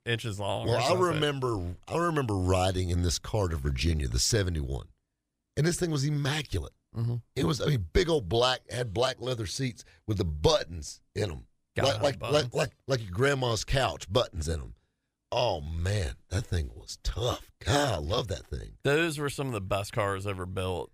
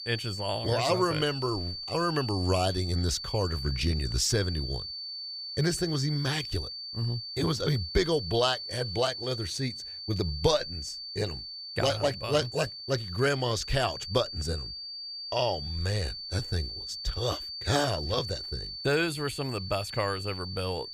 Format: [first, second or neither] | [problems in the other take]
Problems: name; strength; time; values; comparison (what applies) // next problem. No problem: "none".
first | high-pitched whine; loud; throughout; 4.5 kHz, 6 dB below the speech